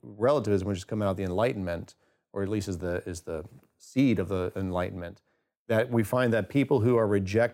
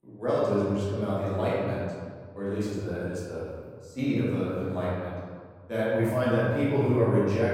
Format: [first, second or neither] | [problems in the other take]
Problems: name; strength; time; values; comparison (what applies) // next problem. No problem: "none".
first | room echo; strong; dies away in 1.5 s // off-mic speech; far